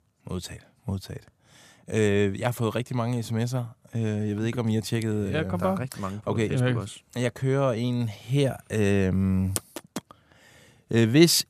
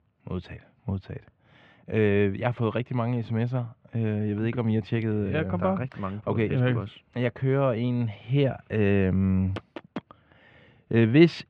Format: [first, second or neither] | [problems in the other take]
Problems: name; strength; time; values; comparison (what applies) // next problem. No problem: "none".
first | muffled; very; fading above 3 kHz